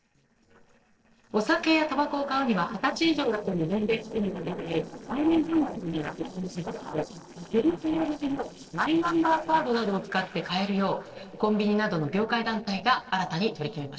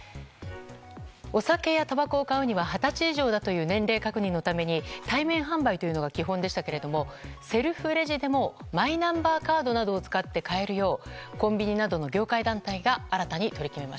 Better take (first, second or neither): second